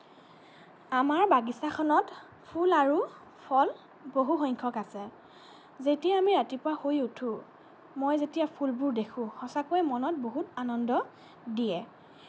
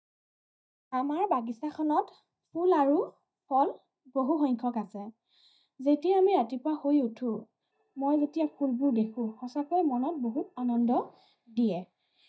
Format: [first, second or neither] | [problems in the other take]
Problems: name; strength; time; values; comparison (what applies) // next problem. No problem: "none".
first | noise reduction (neural mask model DeepFilterNet 3)